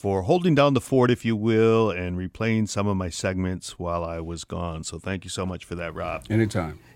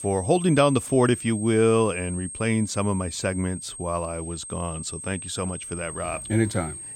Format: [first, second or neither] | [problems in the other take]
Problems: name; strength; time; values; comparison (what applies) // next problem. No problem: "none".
first | high-pitched whine; loud; throughout; 8.5 kHz, 10 dB below the speech